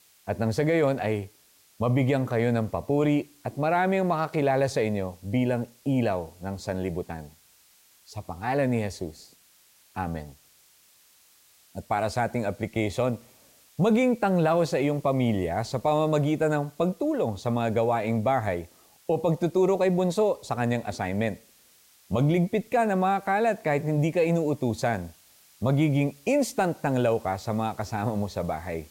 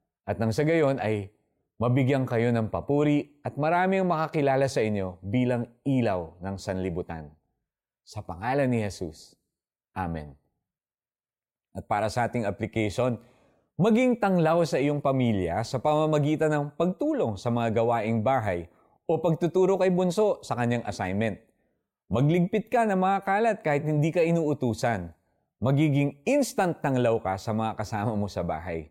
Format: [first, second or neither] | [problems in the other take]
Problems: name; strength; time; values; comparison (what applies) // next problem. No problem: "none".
second | hiss; faint; throughout; 30 dB below the speech